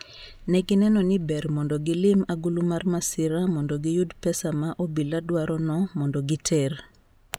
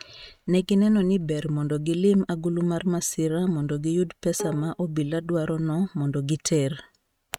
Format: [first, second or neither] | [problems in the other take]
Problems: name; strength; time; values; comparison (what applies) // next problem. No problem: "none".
first | noise reduction (neural mask model RNNoise)